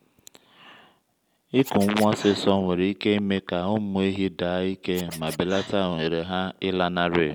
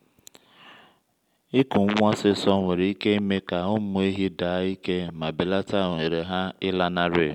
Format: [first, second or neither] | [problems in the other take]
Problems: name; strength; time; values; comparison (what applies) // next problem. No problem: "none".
second | background sound (Scratching (performance technique)); 19 dB below the speech